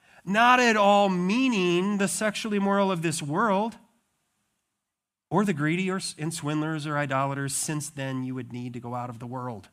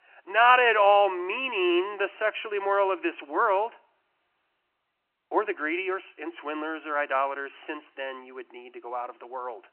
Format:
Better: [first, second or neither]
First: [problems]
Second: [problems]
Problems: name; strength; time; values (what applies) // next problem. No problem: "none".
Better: first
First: none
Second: phone-call audio; nothing above 3 kHz